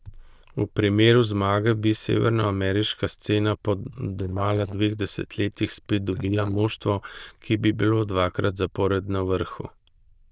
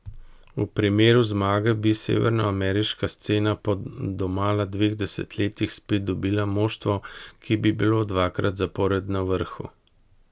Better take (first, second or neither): second